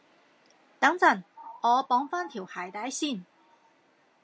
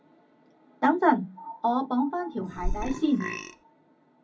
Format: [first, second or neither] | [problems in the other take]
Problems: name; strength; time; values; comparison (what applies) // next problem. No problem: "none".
first | background sound (Burping, eructation); 4 dB below the speech // room echo; dies away in 0.4 s